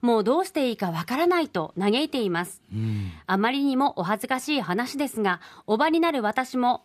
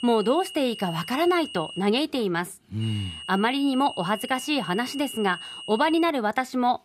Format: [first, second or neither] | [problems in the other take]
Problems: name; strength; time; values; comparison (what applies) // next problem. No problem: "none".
first | high-pitched whine; noticeable; until 2 s and from 3 to 6 s; 3 kHz, 10 dB below the speech